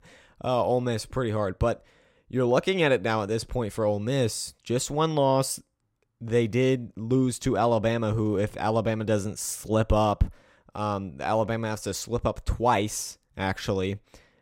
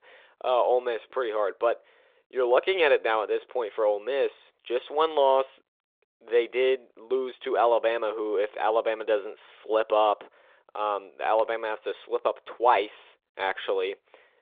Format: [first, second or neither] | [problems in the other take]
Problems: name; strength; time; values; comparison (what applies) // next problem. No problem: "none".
first | phone-call audio; nothing above 3.5 kHz